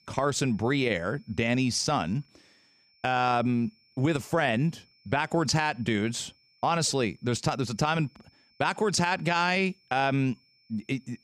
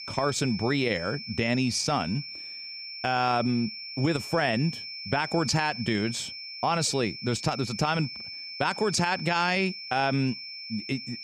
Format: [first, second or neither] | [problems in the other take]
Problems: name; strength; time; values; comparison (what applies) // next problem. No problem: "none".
first | high-pitched whine; loud; throughout; 5.5 kHz, 9 dB below the speech; faint in the first